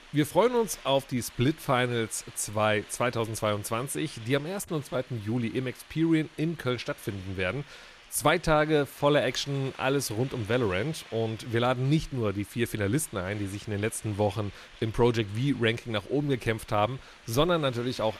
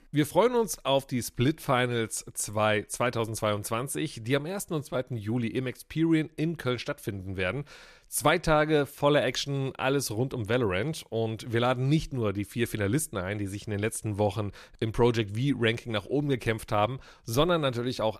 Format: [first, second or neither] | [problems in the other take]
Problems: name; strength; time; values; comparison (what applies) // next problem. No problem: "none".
second | hiss; faint; throughout; 20 dB below the speech